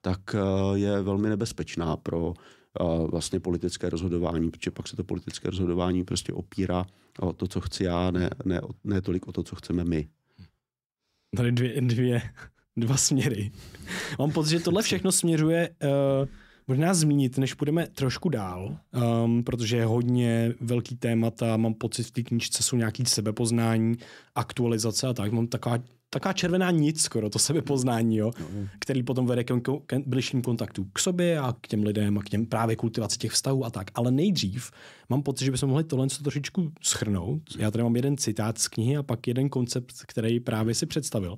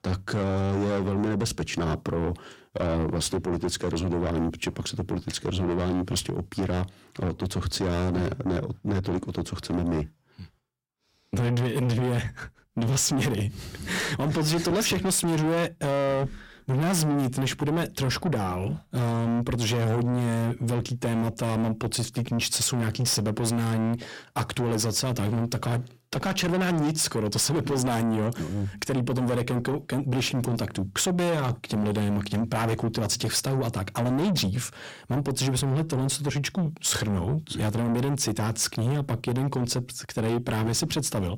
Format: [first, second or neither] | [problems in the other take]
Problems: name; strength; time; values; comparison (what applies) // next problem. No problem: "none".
first | distortion; heavy; 7 dB below the speech